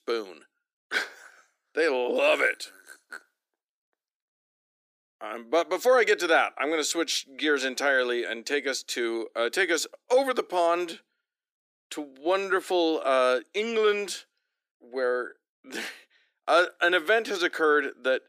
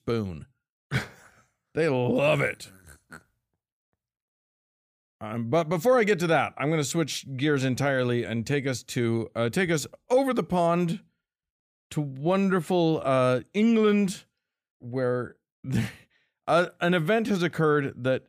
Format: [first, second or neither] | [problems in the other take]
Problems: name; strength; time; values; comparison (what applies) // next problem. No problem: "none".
second | thin; very; fading below 300 Hz